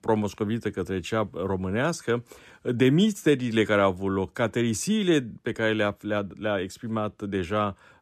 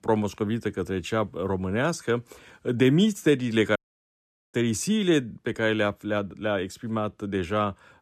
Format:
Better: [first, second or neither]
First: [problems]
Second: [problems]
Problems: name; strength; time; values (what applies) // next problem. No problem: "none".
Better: first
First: none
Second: audio cutting out; at 4 s for 1 s